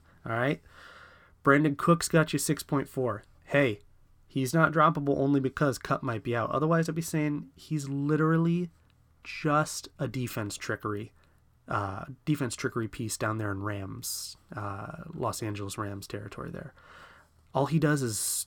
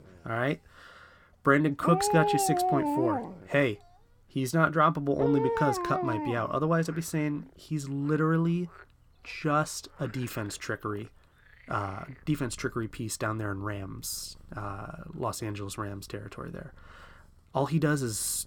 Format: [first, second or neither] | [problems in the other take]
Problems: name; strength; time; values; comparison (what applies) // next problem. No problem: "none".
first | animal sounds; loud; throughout; as loud as the speech